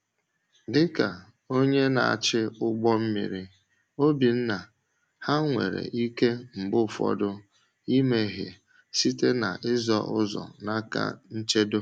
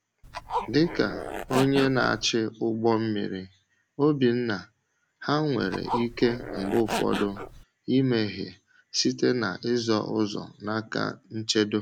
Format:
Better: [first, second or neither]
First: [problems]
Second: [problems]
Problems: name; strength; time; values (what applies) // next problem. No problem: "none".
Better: first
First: none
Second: background sound (Zipper (clothing)); 7 dB below the speech